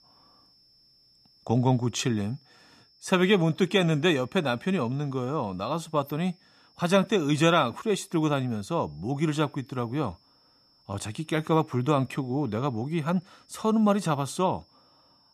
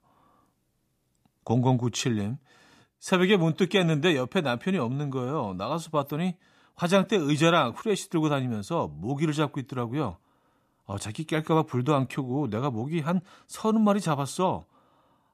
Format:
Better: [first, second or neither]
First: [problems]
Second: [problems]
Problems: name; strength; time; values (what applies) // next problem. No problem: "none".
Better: second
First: high-pitched whine; faint; throughout; 5.5 kHz, 35 dB below the speech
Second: none